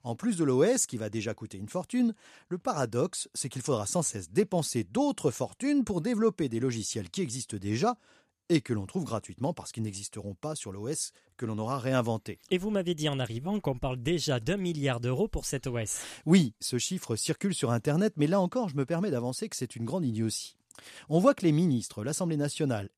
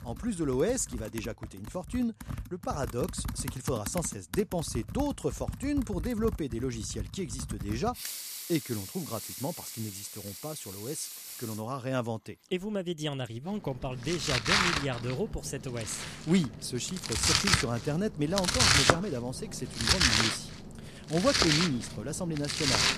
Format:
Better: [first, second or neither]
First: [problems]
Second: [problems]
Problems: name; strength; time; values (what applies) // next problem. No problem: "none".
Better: first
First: none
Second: household noises; very loud; throughout; 3 dB above the speech